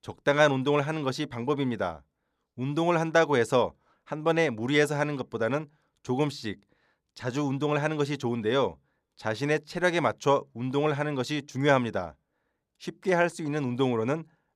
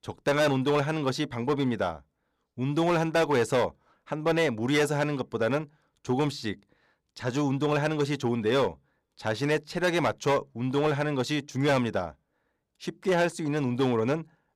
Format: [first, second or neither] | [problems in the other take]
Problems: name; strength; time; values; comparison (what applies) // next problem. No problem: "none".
first | distortion; slight; 6% of the sound clipped